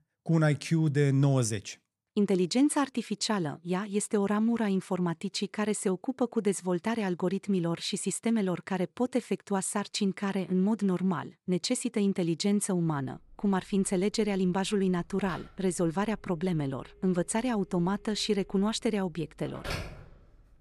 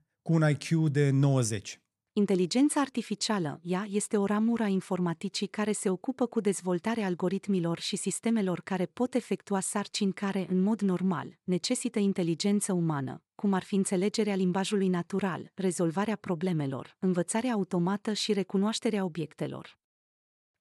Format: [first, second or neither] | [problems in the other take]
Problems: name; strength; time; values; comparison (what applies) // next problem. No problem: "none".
second | phone ringing; noticeable; from 13 s on; peak 7 dB below the speech